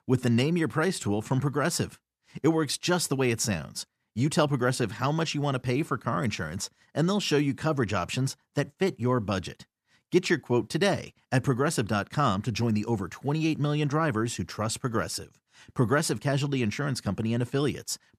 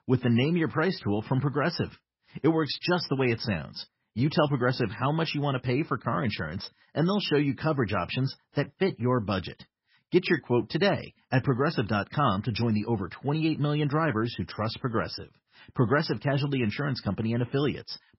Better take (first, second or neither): first